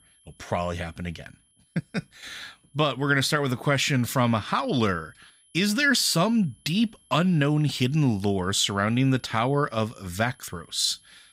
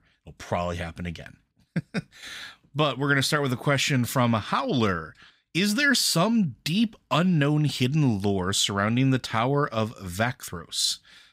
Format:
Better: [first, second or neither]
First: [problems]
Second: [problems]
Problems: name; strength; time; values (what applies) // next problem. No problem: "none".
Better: second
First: high-pitched whine; faint; throughout; 11 kHz, 35 dB below the speech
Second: none